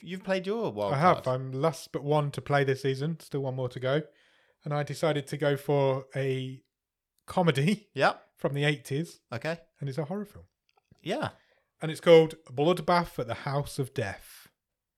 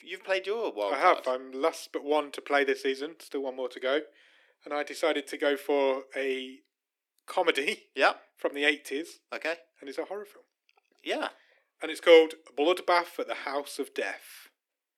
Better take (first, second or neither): first